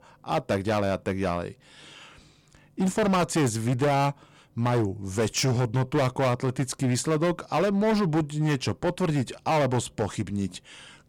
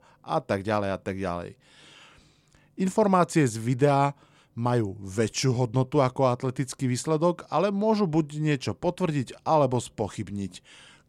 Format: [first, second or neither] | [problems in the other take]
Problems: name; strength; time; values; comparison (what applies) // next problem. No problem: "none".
second | distortion; heavy; 14% of the sound clipped